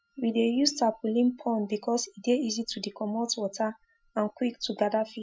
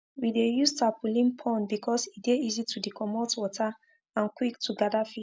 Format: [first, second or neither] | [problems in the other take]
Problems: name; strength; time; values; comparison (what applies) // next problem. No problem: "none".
second | noise reduction (classical method Wiener filter)